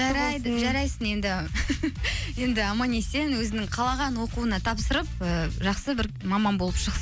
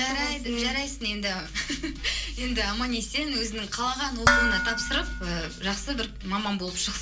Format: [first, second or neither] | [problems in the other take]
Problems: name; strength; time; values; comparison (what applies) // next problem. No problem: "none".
first | background sound (Dishes, pots, and pans); 1 dB above the speech // room echo; dies away in 0.2 s